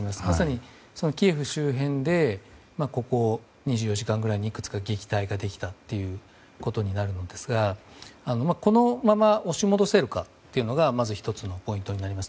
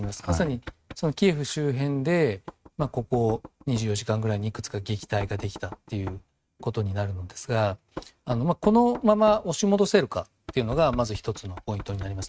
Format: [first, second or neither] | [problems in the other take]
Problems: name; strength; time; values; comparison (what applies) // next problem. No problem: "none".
first | noise reduction (neural mask model RNNoise)